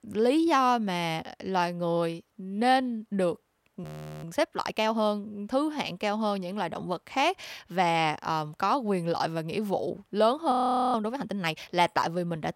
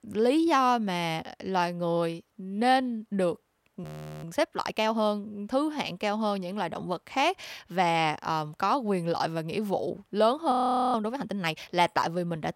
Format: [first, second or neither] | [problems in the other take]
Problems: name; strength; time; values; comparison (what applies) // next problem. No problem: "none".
neither | audio freezing; at 4 s and at 11 s; the same in both